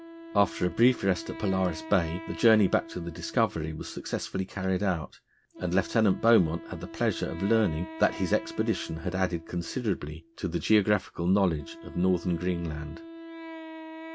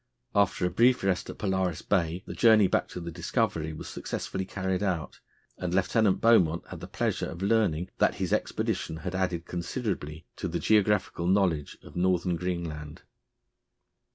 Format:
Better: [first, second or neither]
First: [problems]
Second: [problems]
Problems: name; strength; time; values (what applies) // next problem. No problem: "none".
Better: second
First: background sound (Wind instrument, woodwind instrument); 15 dB below the speech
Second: none